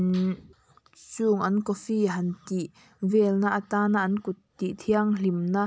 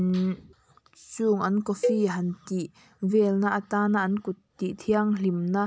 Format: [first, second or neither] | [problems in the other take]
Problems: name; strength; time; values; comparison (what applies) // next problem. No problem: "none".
first | background sound (Cowbell); 8 dB below the speech